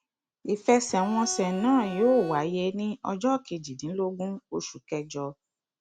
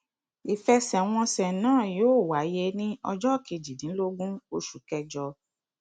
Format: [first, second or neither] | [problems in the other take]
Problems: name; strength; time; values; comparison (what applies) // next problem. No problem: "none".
second | background sound (Bowed string instrument); 13 dB below the speech